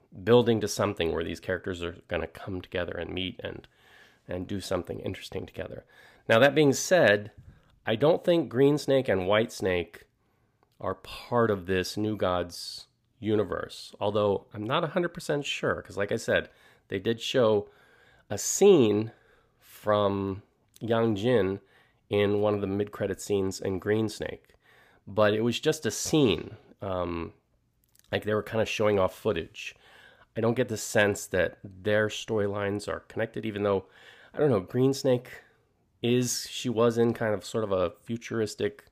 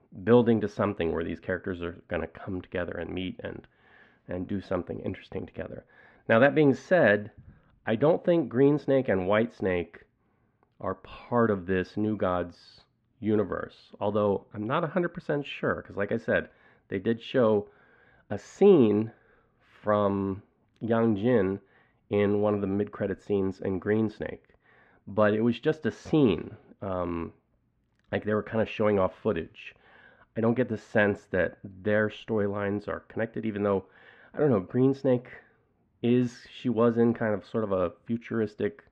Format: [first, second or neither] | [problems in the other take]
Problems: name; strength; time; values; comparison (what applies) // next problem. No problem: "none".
first | muffled; very; fading above 2 kHz